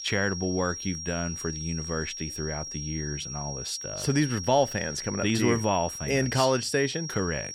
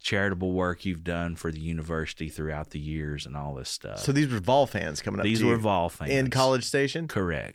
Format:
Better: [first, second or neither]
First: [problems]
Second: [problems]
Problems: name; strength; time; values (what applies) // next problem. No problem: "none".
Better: second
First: high-pitched whine; loud; throughout; 5.5 kHz, 7 dB below the speech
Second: none